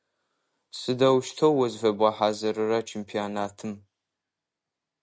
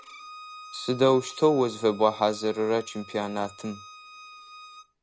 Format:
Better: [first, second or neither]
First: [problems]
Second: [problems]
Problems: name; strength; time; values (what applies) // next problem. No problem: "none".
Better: first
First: none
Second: background sound (Bowed string instrument); 19 dB below the speech